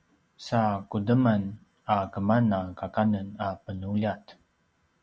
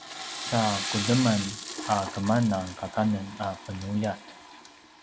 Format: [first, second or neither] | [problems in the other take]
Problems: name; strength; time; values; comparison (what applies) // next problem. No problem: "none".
first | background sound (Toilet flush / Water); 9 dB below the speech